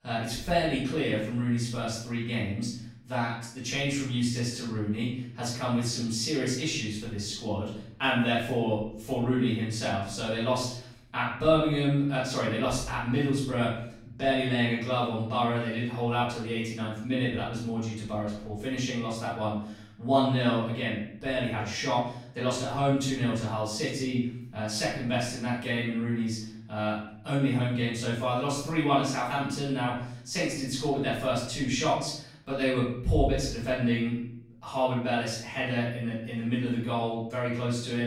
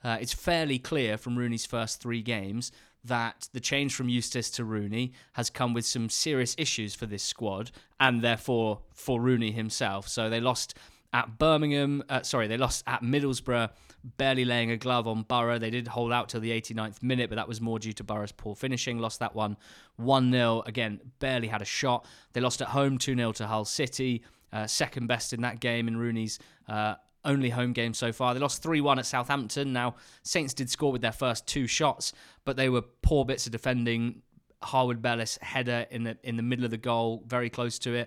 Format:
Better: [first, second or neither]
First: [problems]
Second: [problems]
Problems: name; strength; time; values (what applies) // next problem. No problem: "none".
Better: second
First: off-mic speech; far // room echo; noticeable; dies away in 0.7 s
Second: none